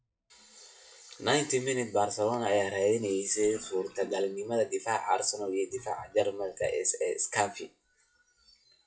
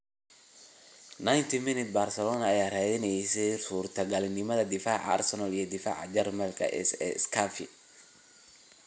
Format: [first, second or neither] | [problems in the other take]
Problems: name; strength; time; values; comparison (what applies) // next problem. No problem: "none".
second | noise reduction (classical method WPE with log-MMSE)